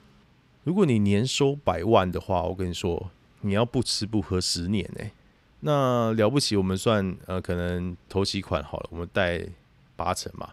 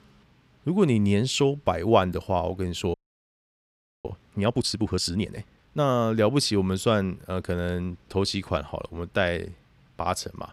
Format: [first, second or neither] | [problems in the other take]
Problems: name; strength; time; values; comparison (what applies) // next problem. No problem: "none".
first | audio freezing; at 3 s for 1 s